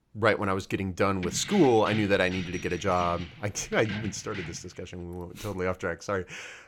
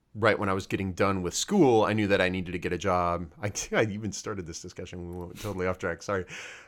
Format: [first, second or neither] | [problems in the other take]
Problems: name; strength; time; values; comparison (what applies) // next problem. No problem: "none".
second | jangling keys; noticeable; from 1 to 4.5 s; peak 9 dB below the speech